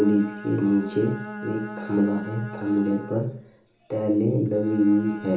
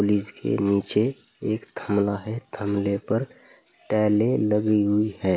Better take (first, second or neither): second